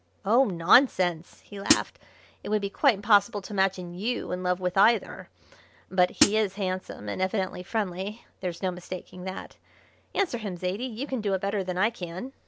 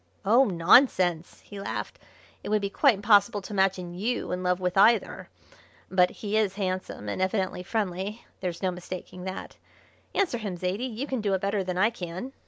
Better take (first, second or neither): second